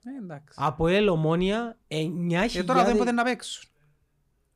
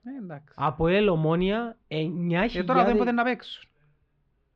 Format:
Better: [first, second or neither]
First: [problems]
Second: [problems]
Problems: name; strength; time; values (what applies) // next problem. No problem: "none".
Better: first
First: none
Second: muffled; slightly; fading above 3.5 kHz